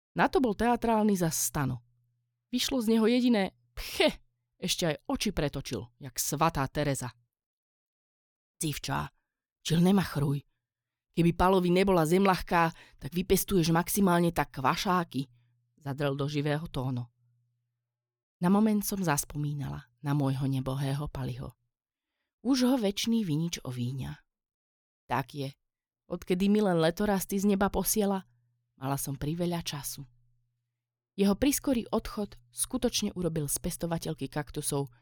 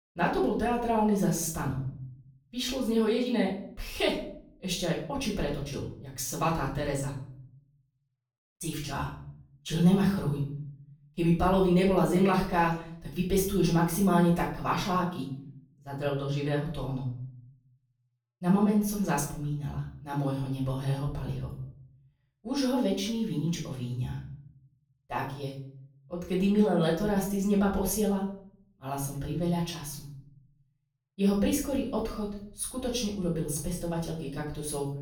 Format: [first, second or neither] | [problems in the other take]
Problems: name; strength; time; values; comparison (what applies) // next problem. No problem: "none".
first | off-mic speech; far // room echo; noticeable; dies away in 0.6 s